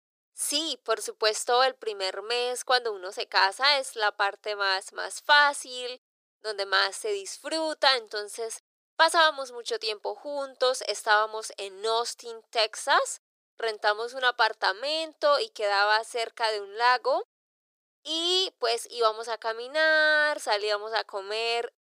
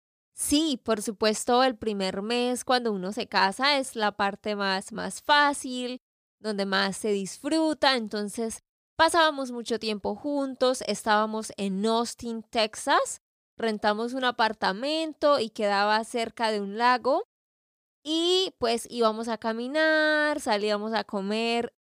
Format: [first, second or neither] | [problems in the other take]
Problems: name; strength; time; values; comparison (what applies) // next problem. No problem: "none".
second | thin; very; fading below 400 Hz